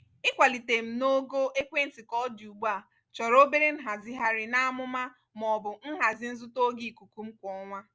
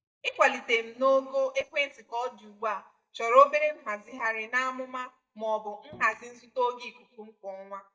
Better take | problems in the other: first | noise reduction (neural mask model DeepFilterNet 3)

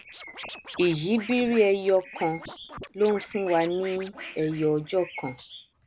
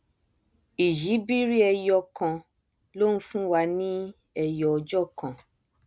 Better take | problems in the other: second | background sound (Bird + Scratching (performance technique)); 16 dB below the speech

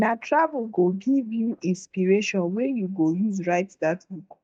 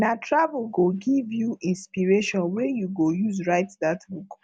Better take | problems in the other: second | noise reduction (neural mask model DeepFilterNet 3)

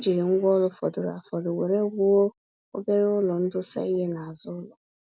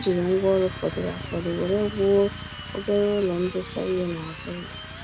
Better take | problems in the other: first | background sound (Drill + Motor vehicle (road)); 11 dB below the speech

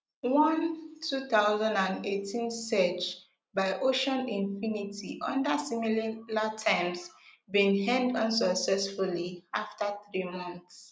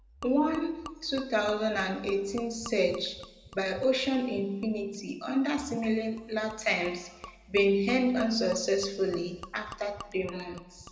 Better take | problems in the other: first | background sound (Gurgling / Liquid); 19 dB below the speech // room echo; dies away in 1.3 s

